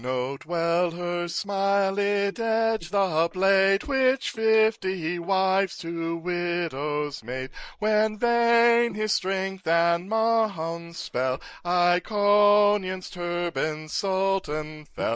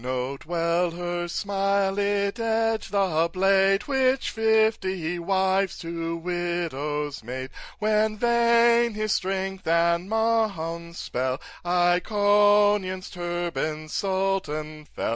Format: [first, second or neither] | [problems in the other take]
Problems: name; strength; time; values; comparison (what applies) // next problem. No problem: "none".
second | noise reduction (neural mask model Resemble Enhance denoiser)